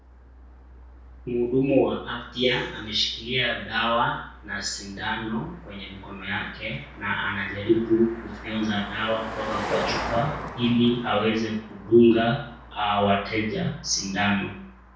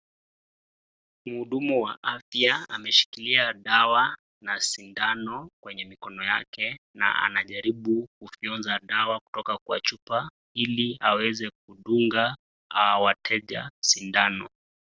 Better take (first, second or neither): second